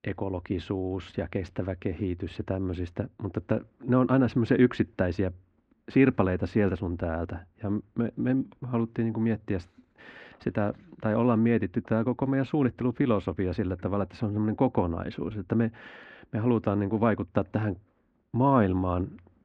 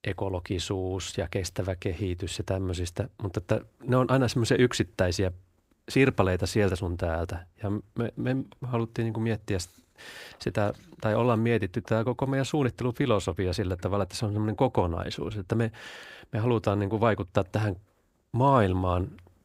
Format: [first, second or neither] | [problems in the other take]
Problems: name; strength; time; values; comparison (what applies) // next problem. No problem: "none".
second | muffled; very; fading above 2 kHz